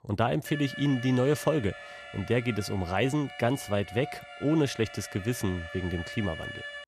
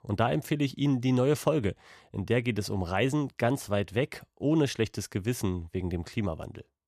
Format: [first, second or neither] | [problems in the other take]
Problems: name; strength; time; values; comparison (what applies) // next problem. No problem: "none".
second | alarm; noticeable; peak 9 dB below the speech